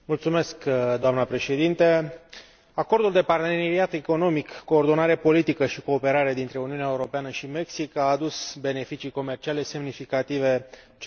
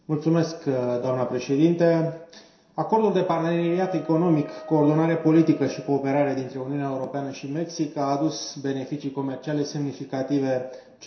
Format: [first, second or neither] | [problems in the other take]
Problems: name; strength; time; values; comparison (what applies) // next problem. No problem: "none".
first | background sound (Wind instrument, woodwind instrument); 18 dB below the speech // room echo; dies away in 0.7 s